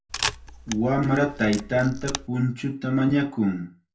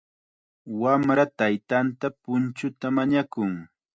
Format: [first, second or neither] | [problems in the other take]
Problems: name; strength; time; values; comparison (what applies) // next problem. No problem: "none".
second | background sound (Camera); 9 dB below the speech // room echo; dies away in 0.2 s